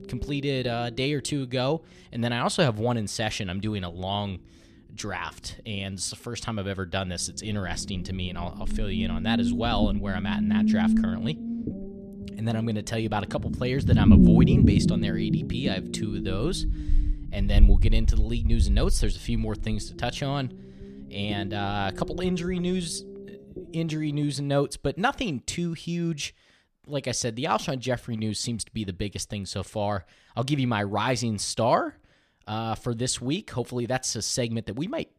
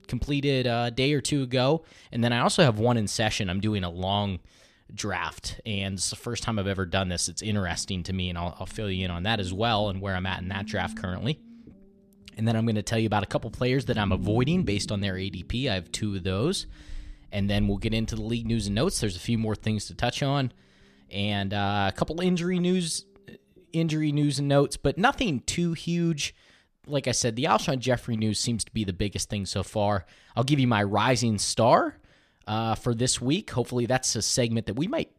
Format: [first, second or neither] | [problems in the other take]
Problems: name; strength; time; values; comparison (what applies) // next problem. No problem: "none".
second | low rumble; loud; until 24 s; 3 dB below the speech; faint in the second